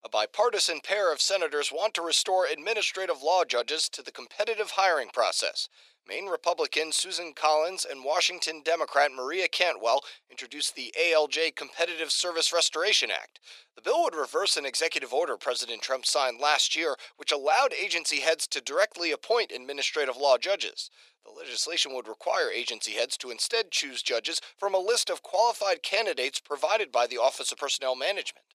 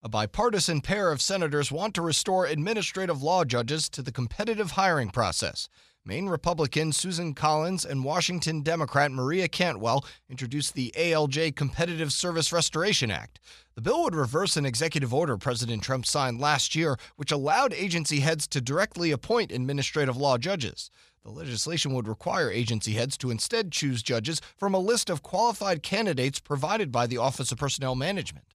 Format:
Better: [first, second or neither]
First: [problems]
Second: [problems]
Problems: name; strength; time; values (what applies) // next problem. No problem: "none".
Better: second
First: thin; very; fading below 400 Hz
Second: none